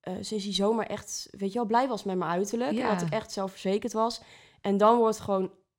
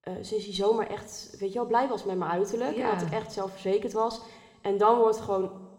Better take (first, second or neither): first